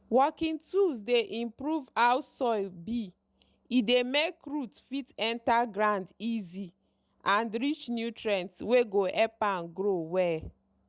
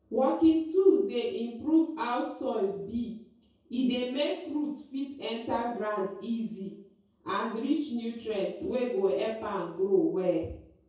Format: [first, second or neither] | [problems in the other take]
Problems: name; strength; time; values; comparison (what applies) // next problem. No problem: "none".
first | room echo; dies away in 0.6 s